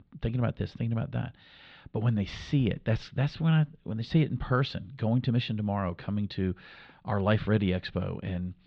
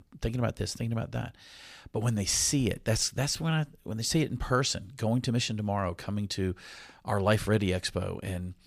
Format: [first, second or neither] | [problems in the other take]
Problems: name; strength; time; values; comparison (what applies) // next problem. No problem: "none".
second | muffled; very; fading above 3.5 kHz